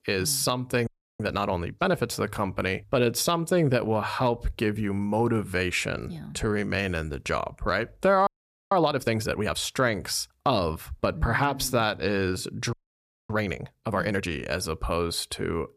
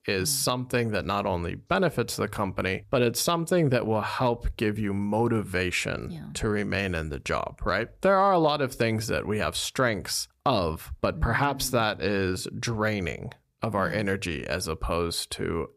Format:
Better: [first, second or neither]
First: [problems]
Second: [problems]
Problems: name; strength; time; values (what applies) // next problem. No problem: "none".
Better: second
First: audio freezing; at 1 s, at 8.5 s and at 13 s for 0.5 s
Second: none